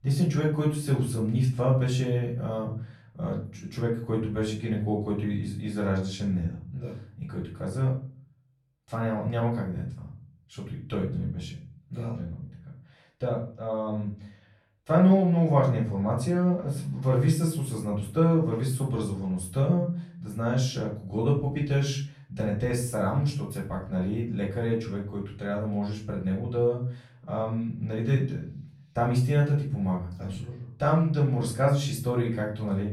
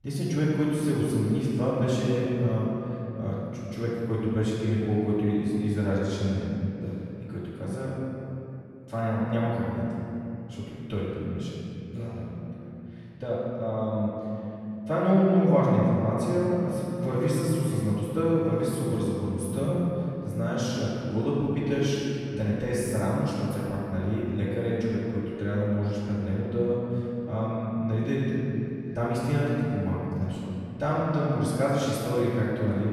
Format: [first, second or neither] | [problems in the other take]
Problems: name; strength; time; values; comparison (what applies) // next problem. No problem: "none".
first | room echo; strong; dies away in 2.6 s; slight in the first // off-mic speech; far; far in the first